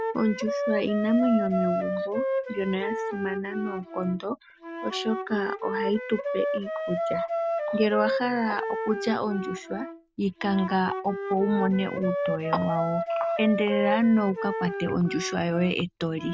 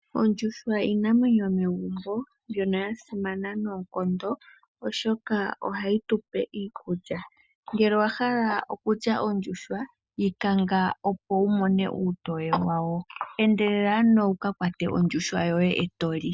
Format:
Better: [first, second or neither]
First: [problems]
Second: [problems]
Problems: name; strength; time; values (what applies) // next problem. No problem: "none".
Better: second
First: background sound (Wind instrument, woodwind instrument); 4 dB below the speech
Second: none